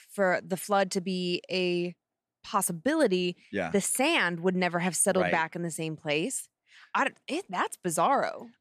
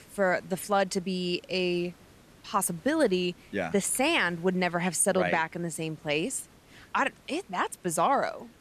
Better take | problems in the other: first | hiss; faint; throughout; 25 dB below the speech

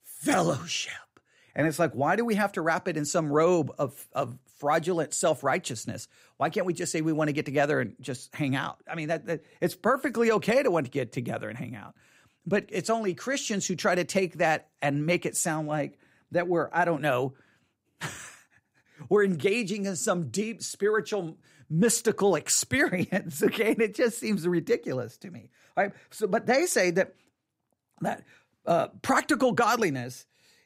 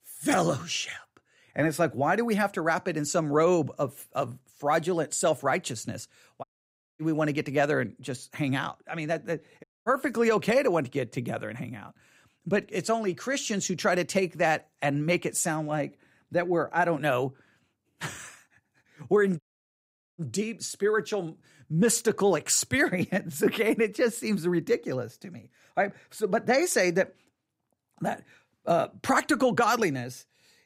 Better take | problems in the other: first | audio cutting out; at 6.5 s for 0.5 s, at 9.5 s and at 19 s for 1 s

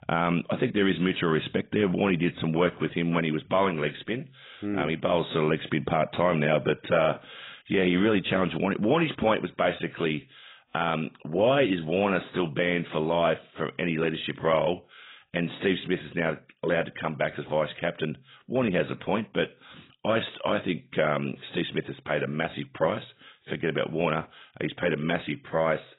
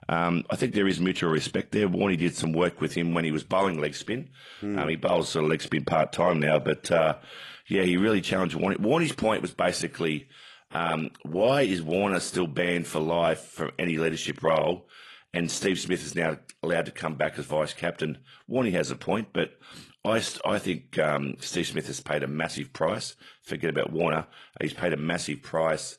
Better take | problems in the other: second | garbled, watery; badly; nothing above 4 kHz; slightly in the second

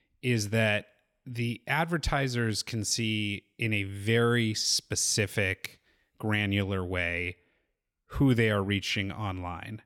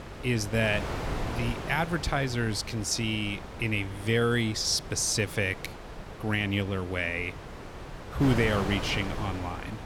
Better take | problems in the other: first | wind noise on the microphone; heavy; 10 dB below the speech

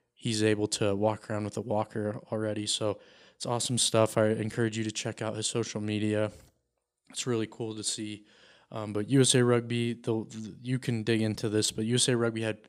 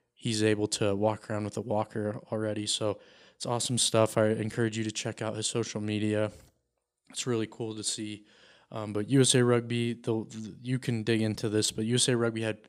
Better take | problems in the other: neither | none

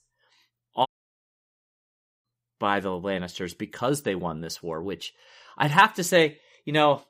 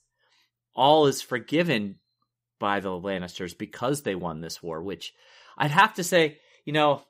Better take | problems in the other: second | audio cutting out; at 1 s for 1.5 s

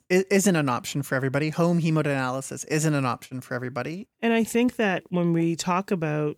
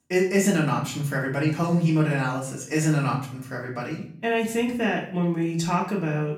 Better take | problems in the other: first | room echo; slight; dies away in 0.5 s // off-mic speech; far

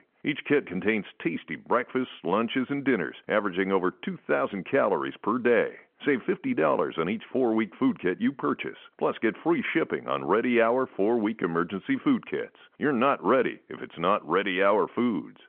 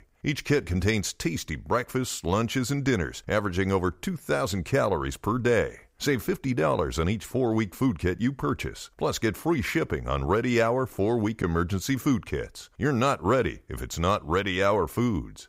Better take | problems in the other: second | phone-call audio

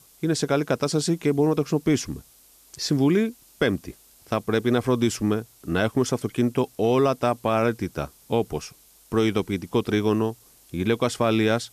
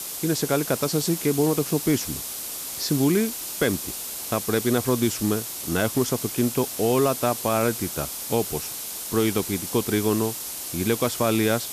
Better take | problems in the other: first | hiss; loud; throughout; 5 dB below the speech; faint in the first

